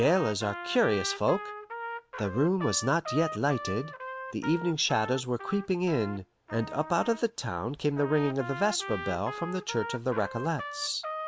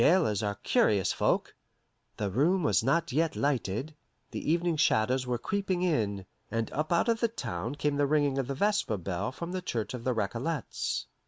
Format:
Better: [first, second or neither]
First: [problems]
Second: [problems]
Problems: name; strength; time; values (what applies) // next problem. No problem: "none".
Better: second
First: background sound (Trumpet); 10 dB below the speech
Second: none